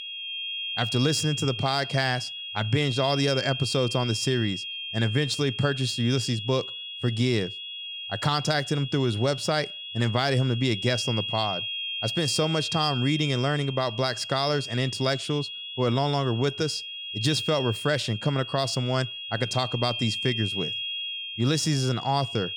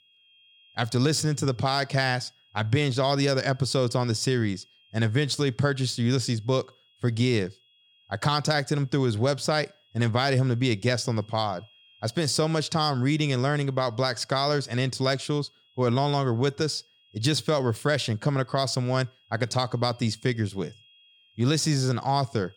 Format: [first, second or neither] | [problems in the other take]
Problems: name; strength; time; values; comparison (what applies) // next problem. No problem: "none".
second | high-pitched whine; loud; throughout; 3 kHz, 6 dB below the speech; faint in the second